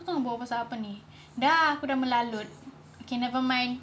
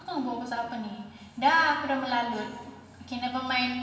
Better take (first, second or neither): first